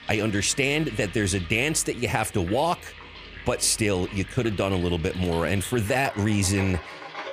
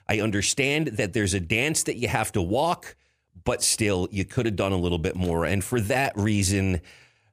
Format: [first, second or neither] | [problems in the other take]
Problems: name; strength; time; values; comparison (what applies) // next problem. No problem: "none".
second | household noises; noticeable; throughout; 15 dB below the speech